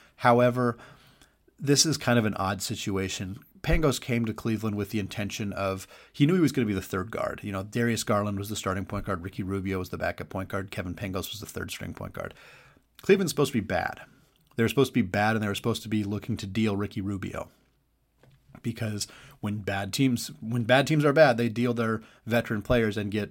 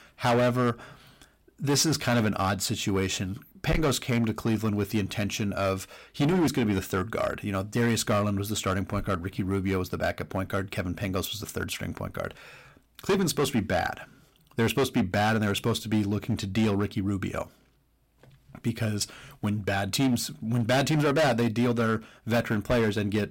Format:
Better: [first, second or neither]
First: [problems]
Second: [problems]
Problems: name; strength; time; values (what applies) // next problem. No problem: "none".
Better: first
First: none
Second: distortion; heavy; 8% of the sound clipped